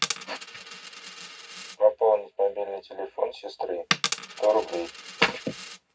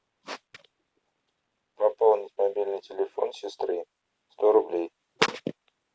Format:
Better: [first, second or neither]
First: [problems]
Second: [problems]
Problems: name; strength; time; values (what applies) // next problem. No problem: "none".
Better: second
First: background sound (Coin (dropping)); 8 dB below the speech // room echo; dies away in 0.3 s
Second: none